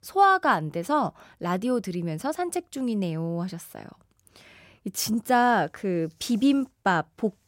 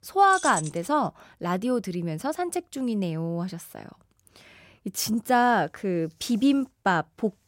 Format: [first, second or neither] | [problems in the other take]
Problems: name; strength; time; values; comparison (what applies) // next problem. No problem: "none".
first | jangling keys; noticeable; at 0.5 s; peak 6 dB below the speech